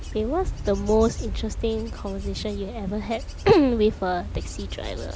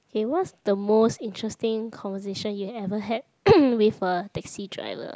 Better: second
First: background sound (Wind / Bird / Insect); 7 dB below the speech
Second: none

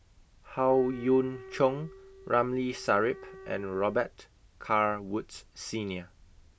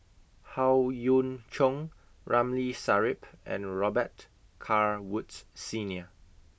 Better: second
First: background sound (Wind instrument, woodwind instrument); 18 dB below the speech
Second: none

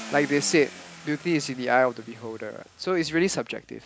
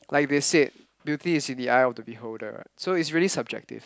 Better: second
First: background sound (Car); 18 dB below the speech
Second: none

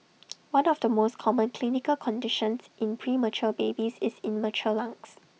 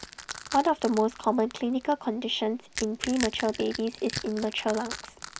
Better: first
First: none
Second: background sound (Crack / Crushing); 12 dB below the speech

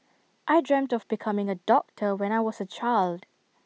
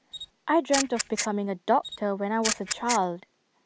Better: first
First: none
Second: background sound (Camera); 6 dB below the speech

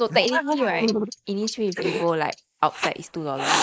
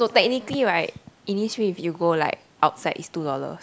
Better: second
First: noise reduction (neural mask model Resemble Enhance denoiser)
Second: none

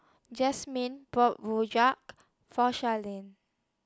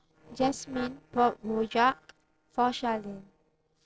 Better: first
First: none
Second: noise reduction (neural separator model SepFormer DNS4)

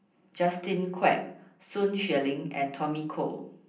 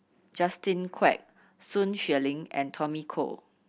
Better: second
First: room echo; dies away in 0.6 s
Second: none

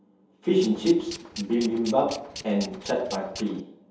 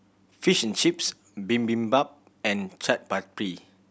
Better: second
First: background sound (Tools); 14 dB below the speech // room echo; dies away in 0.7 s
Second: none

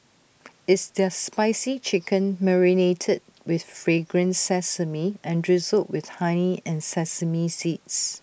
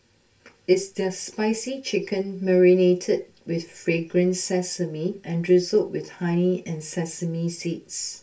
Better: first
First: none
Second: room echo; dies away in 0.2 s

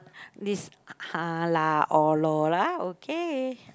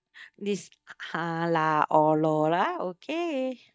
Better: first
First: none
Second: noise reduction (neural mask model DeepFilterNet 3)

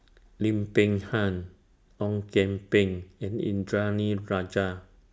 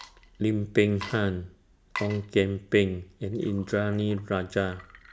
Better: first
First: none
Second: background sound (Water / Liquid); 18 dB below the speech

